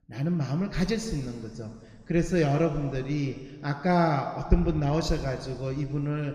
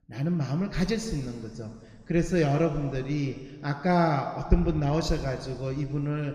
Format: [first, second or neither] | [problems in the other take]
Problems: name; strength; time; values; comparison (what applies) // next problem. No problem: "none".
neither | room echo; slight; dies away in 1.9 s; the same in both